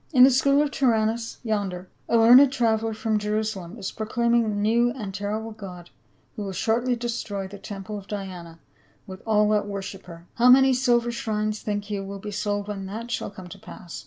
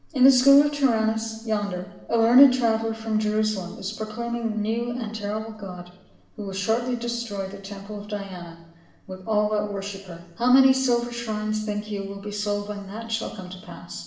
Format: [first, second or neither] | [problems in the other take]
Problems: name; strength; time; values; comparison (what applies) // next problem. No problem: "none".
first | room echo; dies away in 0.8 s